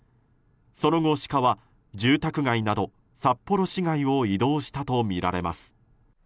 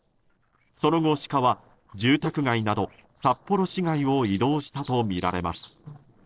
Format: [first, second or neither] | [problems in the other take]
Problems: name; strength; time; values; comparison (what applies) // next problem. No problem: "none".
first | noise reduction (neural separator model SepFormer DNS4)